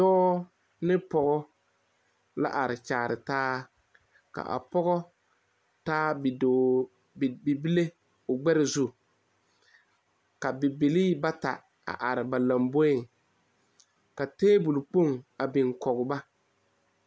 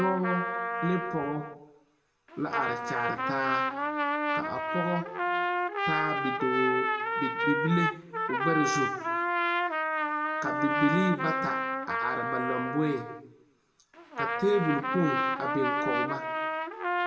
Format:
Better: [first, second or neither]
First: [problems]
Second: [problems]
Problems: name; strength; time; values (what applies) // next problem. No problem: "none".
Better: first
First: none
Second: background sound (Trumpet); 2 dB above the speech // room echo; dies away in 0.7 s